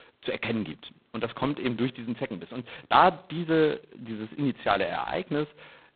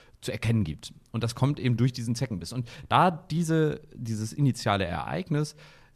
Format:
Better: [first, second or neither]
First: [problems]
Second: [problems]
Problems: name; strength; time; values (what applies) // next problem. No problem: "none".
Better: second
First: phone-call audio; poor line; nothing above 4 kHz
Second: none